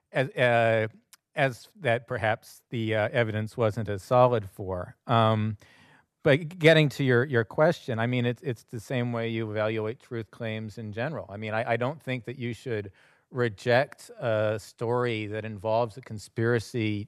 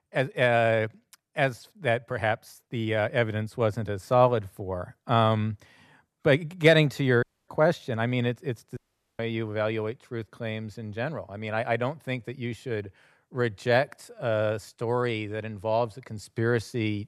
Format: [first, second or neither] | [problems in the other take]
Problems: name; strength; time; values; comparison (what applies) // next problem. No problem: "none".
first | audio cutting out; at 7 s and at 9 s